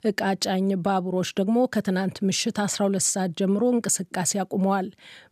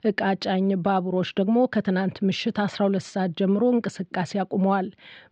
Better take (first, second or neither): first